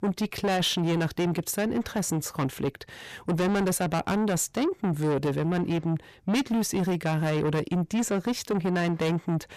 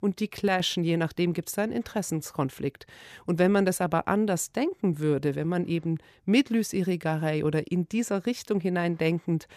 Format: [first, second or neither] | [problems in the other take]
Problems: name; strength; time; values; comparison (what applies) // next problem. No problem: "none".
second | distortion; heavy; 8 dB below the speech